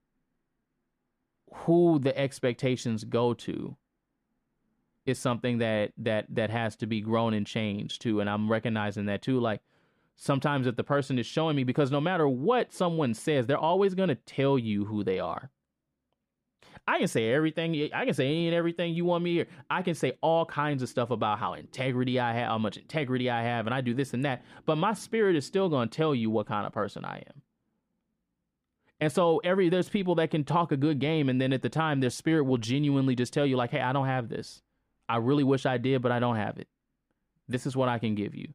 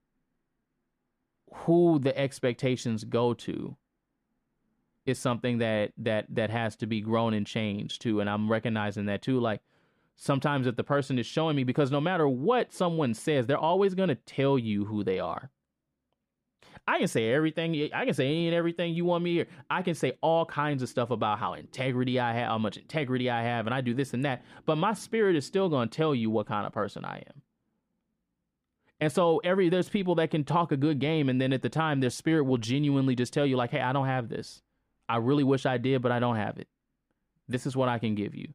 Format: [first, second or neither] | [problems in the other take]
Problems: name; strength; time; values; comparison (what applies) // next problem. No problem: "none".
neither | muffled; slightly; fading above 2.5 kHz; the same in both